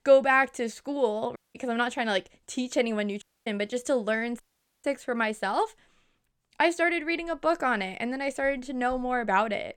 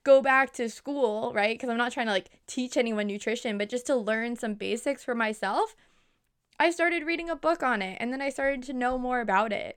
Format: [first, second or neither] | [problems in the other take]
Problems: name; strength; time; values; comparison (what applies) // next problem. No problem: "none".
second | audio cutting out; at 1.5 s, at 3 s and at 4.5 s